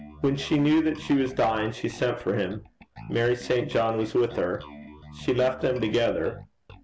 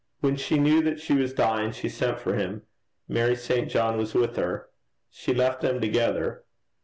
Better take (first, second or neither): second